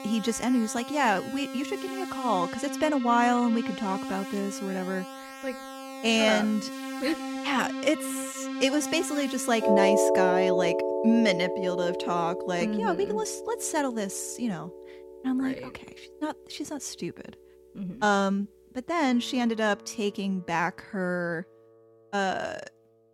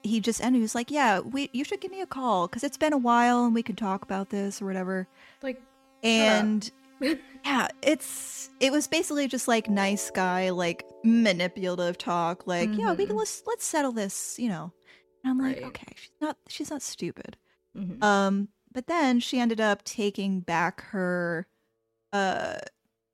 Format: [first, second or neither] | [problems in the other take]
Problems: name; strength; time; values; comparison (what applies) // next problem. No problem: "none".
second | background music; loud; throughout; 4 dB below the speech; faint in the second